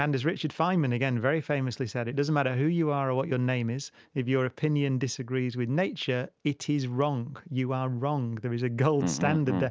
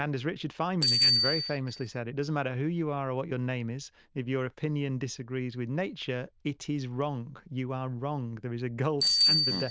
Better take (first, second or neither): first